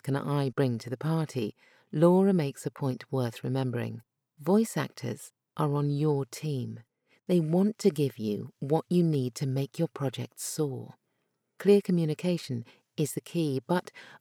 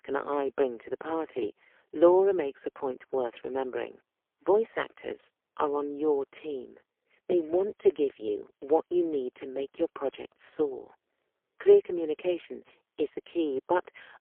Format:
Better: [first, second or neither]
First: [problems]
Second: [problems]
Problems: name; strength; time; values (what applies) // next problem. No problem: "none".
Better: first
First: none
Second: phone-call audio; poor line; nothing above 3.5 kHz